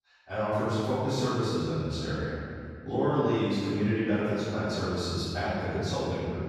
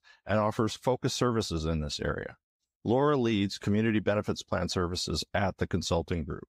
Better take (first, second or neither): second